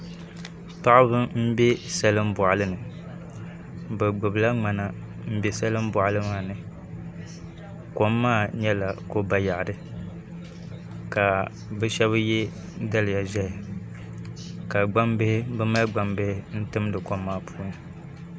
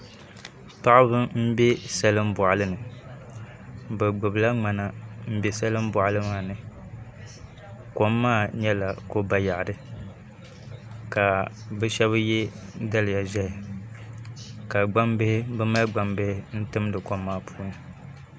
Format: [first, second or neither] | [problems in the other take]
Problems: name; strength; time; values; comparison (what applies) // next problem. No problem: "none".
second | background sound (Wind); 15 dB below the speech